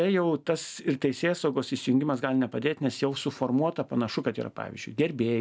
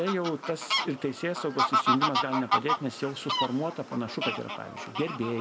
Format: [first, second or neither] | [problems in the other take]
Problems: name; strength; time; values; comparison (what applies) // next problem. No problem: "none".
first | background sound (Fowl); 1 dB above the speech